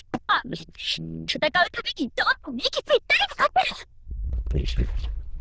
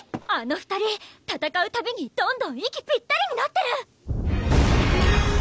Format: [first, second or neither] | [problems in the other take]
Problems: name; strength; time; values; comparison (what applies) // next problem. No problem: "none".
second | noise reduction (neural diffusion model UNIVERSE++)